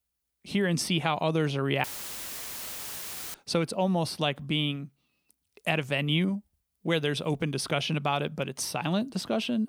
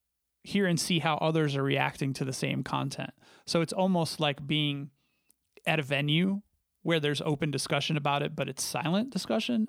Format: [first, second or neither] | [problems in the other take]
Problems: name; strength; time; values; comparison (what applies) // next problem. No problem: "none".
second | audio cutting out; filled with static; at 2 s for 1.5 s